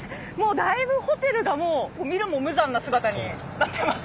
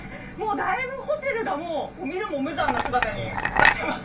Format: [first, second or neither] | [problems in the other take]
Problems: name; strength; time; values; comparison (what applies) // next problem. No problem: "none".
first | background sound (Chink, clink); 3 dB above the speech // room echo; dies away in 0.2 s